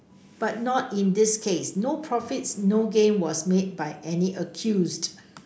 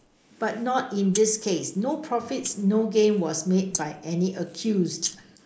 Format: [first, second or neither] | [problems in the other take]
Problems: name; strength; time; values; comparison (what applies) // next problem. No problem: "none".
first | noise reduction (neural mask model Resemble Enhance denoiser)